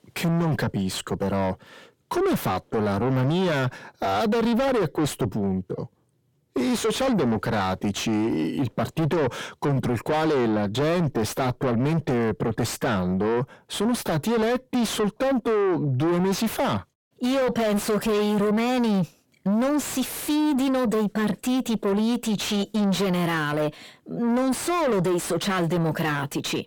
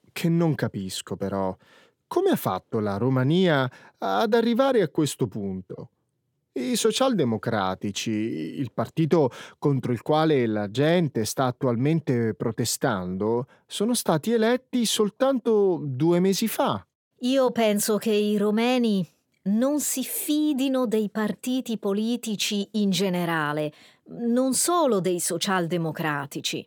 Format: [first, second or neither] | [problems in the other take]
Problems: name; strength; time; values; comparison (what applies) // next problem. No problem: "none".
second | distortion; heavy; 6 dB below the speech